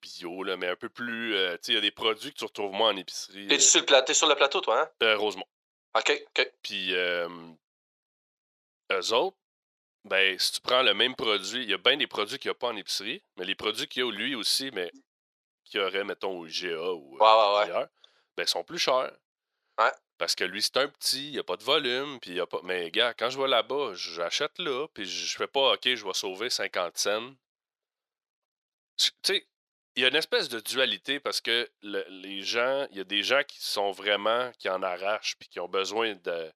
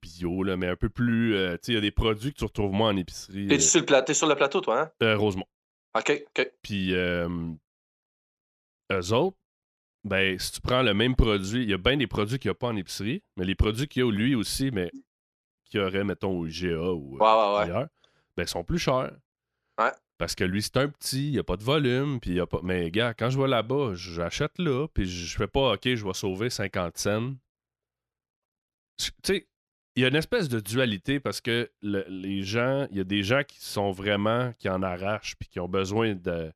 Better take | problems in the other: second | thin; very; fading below 550 Hz

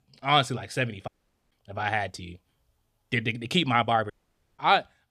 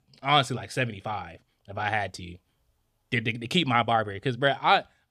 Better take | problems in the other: second | audio cutting out; at 1 s and at 4 s

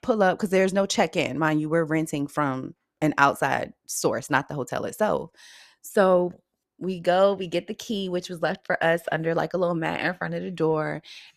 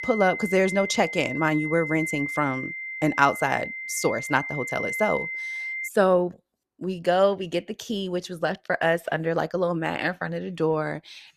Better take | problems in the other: first | high-pitched whine; loud; until 6 s; 2 kHz, 5 dB below the speech

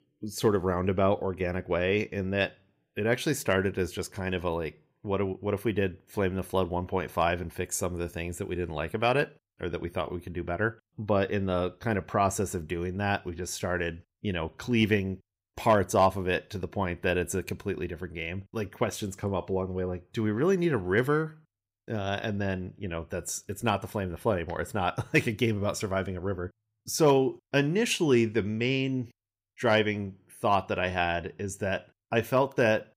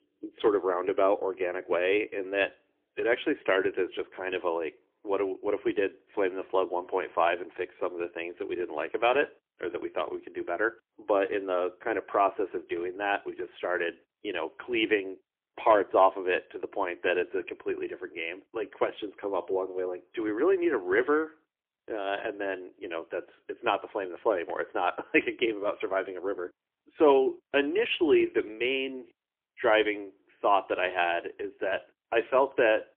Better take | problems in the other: first | phone-call audio; poor line; nothing above 3 kHz

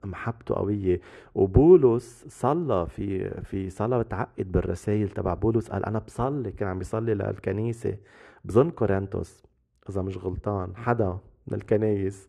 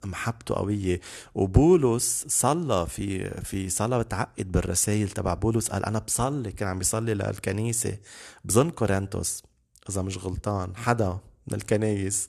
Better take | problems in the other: second | muffled; very; fading above 3.5 kHz

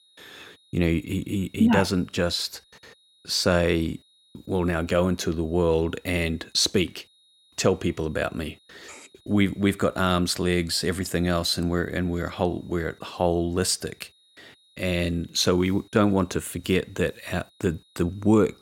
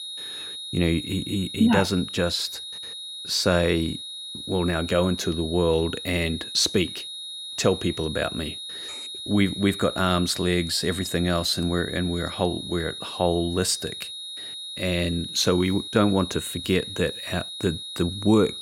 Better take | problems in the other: first | high-pitched whine; loud; throughout; 4 kHz, 9 dB below the speech; faint in the first

